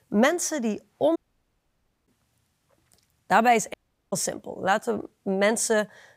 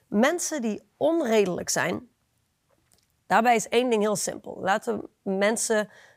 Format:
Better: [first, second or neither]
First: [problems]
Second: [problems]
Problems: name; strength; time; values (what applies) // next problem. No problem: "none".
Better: second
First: audio cutting out; at 1 s for 1 s and at 3.5 s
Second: none